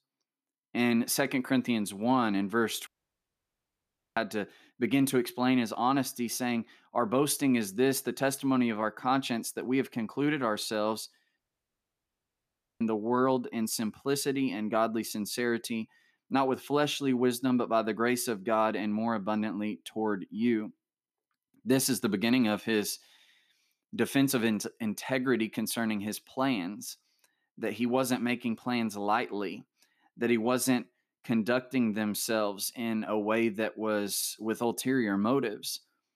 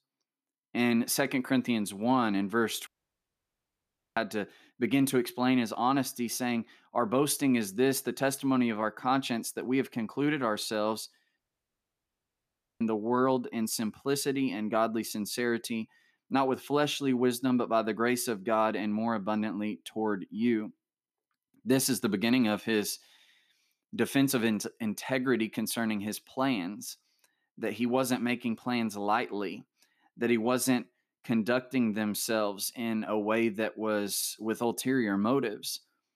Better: neither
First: audio cutting out; at 3 s for 1.5 s and at 11 s for 1.5 s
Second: audio cutting out; at 3 s for 1.5 s and at 11 s for 1.5 s

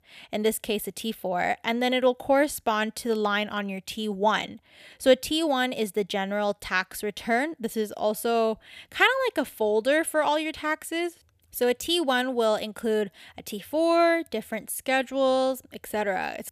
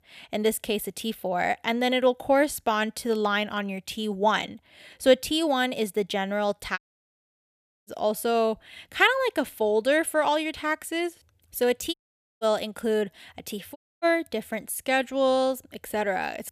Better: first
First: none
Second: audio cutting out; at 7 s for 1 s, at 12 s and at 14 s

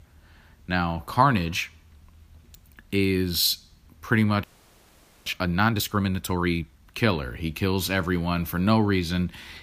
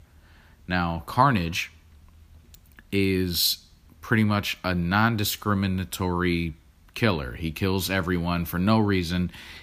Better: second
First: audio freezing; at 4.5 s for 1 s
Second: none

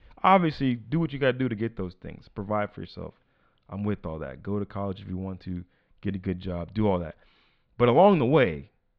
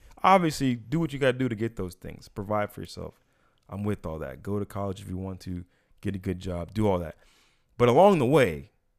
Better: second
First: muffled; slightly; fading above 4 kHz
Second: none

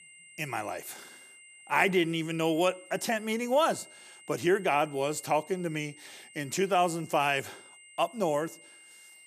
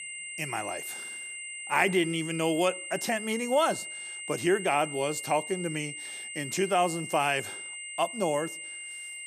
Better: first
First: high-pitched whine; faint; throughout; 2 kHz, 20 dB below the speech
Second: high-pitched whine; loud; throughout; 2 kHz, 8 dB below the speech

